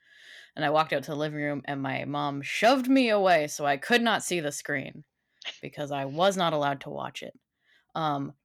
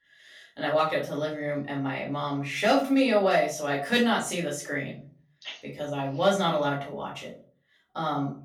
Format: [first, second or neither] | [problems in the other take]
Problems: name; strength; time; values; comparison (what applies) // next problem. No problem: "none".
first | off-mic speech; far // room echo; slight; dies away in 0.3 s